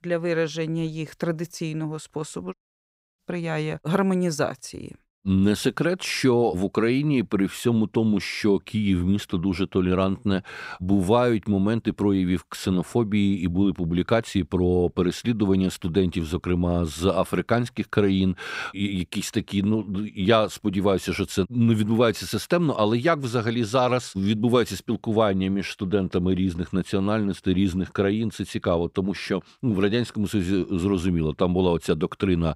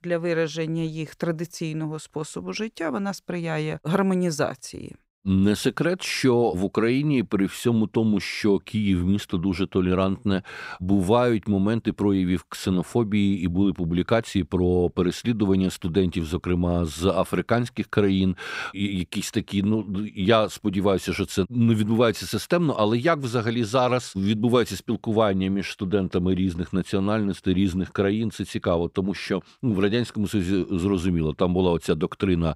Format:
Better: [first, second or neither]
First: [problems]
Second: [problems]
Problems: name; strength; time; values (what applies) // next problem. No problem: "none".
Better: second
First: audio cutting out; at 2.5 s for 0.5 s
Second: none